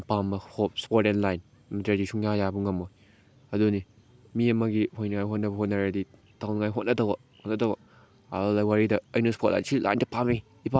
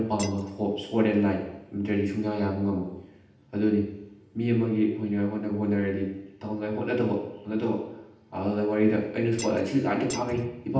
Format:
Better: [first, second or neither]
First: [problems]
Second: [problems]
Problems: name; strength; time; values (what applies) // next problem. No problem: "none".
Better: first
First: none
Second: background sound (Shatter); 14 dB below the speech // room echo; dies away in 0.8 s